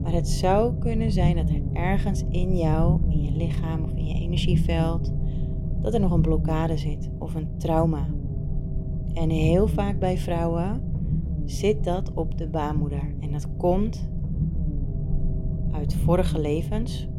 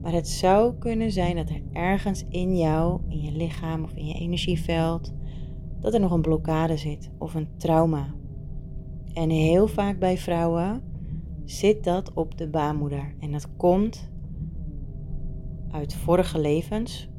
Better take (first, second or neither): second